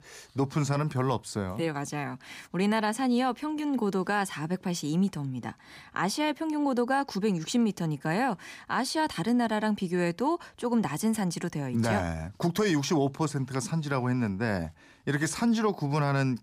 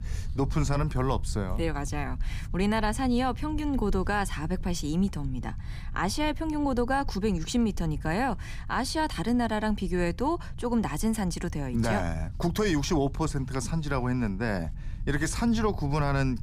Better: first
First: none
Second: low rumble; faint; throughout; 25 dB below the speech

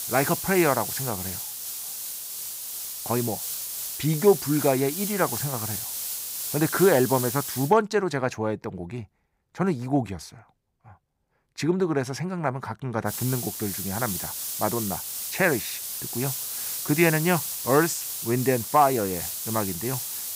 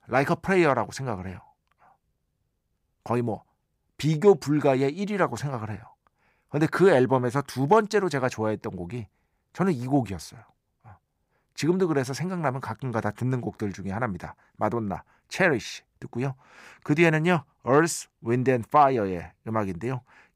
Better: second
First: hiss; loud; until 7.5 s and from 13 s on; 4 dB below the speech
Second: none

